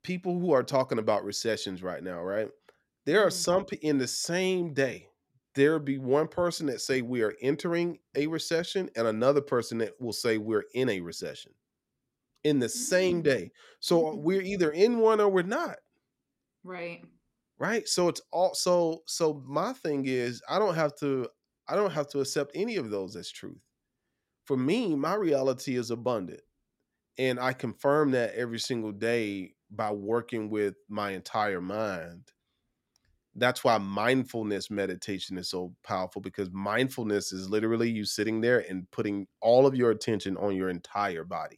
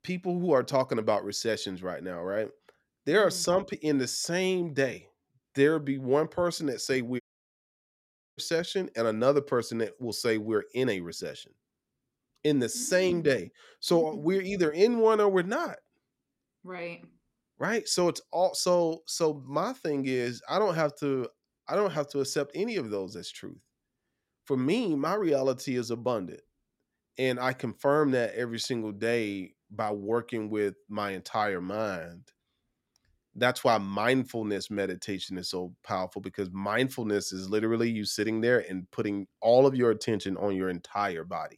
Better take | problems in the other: first | audio cutting out; at 7 s for 1 s

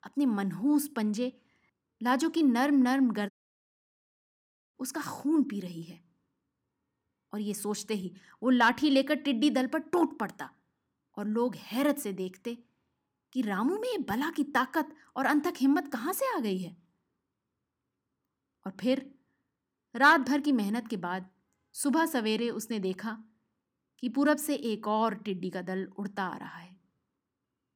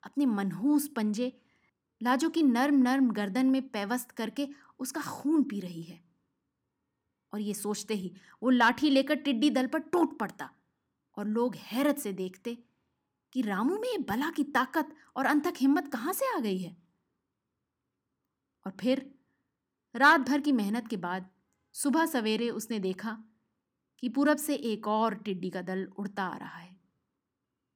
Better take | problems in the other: second | audio cutting out; at 3.5 s for 1.5 s

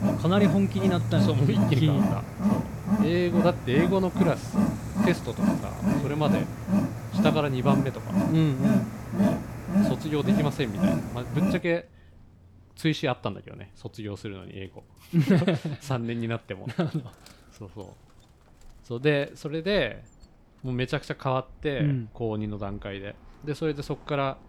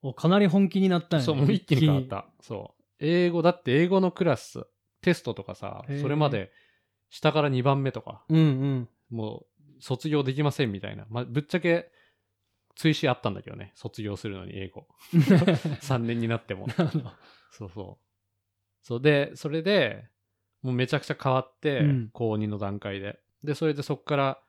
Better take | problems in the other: second | animal sounds; very loud; throughout; 1 dB above the speech

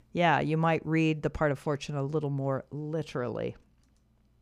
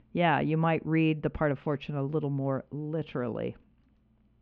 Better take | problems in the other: first | muffled; very; fading above 3 kHz

